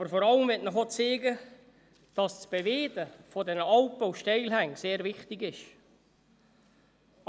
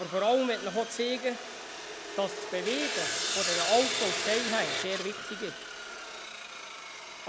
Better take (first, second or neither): first